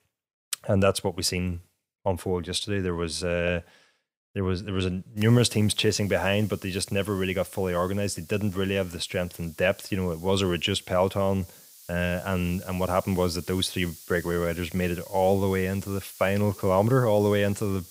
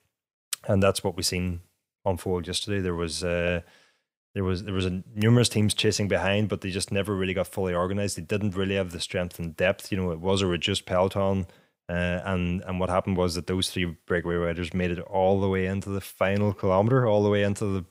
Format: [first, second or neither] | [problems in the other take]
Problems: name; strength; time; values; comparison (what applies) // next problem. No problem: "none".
second | hiss; noticeable; from 5 s on; 20 dB below the speech